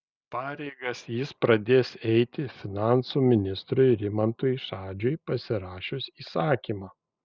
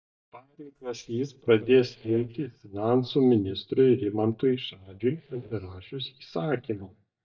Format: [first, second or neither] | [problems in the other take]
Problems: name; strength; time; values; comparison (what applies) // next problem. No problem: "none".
first | noise reduction (neural mask model DeepFilterNet 3)